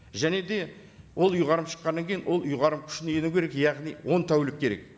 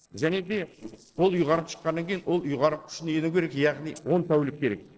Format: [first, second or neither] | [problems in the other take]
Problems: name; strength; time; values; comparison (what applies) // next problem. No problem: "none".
first | noise reduction (neural separator model SepFormer DNS4)